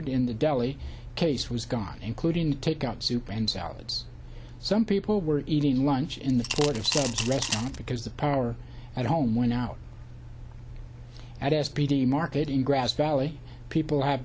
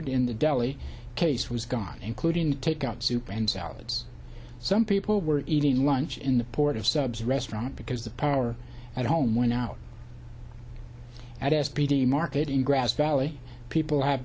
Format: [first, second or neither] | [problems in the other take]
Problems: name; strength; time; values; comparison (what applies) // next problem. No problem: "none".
second | background sound (Coin (dropping) / Glass); 6 dB below the speech